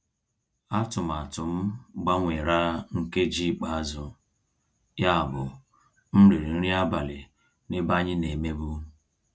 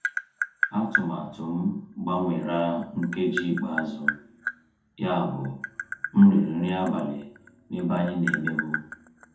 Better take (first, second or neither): first